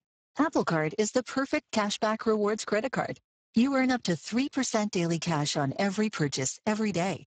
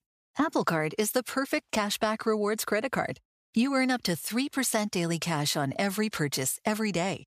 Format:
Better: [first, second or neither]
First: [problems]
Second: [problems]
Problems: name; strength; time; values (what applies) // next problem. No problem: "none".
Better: second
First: garbled, watery; badly; nothing above 7.5 kHz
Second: none